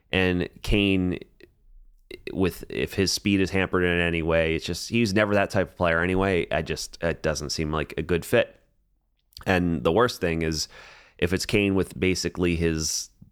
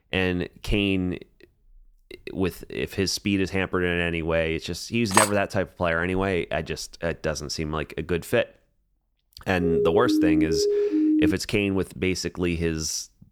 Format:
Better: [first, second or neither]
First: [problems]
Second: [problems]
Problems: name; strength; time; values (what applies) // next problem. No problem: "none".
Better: first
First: none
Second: clattering dishes; loud; at 5 s; peak 4 dB above the speech // siren; loud; from 9.5 to 11 s; peak 5 dB above the speech